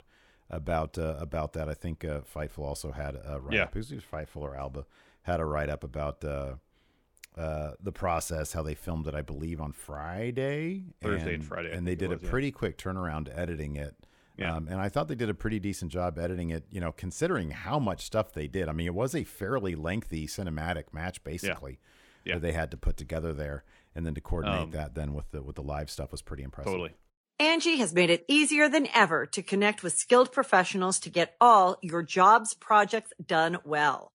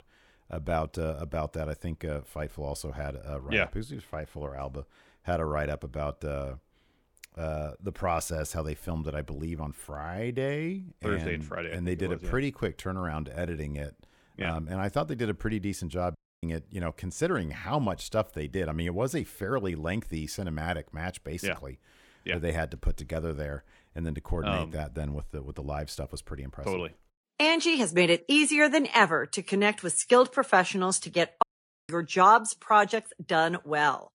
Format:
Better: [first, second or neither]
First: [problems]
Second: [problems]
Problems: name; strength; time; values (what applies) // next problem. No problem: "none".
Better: first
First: none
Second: audio cutting out; at 16 s and at 31 s